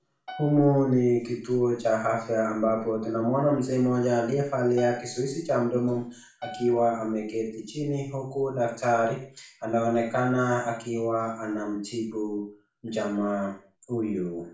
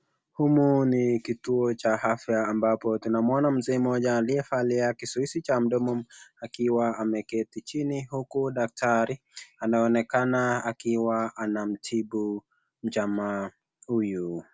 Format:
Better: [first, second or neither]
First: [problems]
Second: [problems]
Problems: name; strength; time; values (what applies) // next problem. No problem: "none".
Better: second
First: background sound (Piano); 19 dB below the speech // room echo; dies away in 0.4 s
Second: none